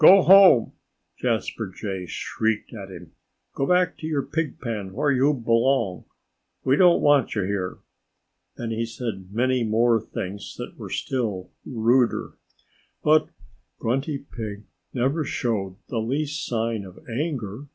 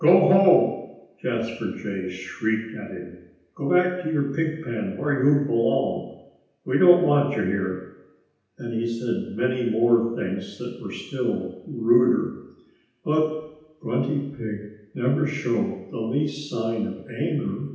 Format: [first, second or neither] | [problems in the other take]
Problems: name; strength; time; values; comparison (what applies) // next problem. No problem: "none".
first | room echo; dies away in 0.9 s